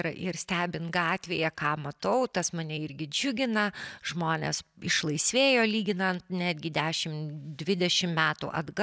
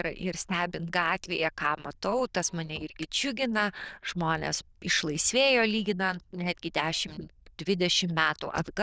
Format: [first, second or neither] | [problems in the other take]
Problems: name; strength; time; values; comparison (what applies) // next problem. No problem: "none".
first | noise reduction (neural diffusion model UNIVERSE++)